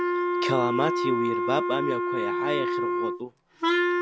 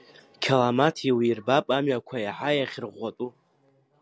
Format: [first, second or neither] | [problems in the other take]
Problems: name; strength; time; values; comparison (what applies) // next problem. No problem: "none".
second | background sound (Wind instrument, woodwind instrument); 5 dB above the speech